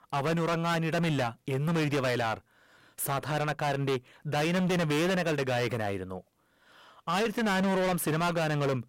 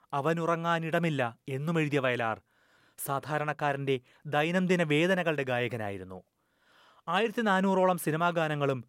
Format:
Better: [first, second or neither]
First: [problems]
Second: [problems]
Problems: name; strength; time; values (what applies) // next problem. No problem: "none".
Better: second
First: distortion; heavy; 24% of the sound clipped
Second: none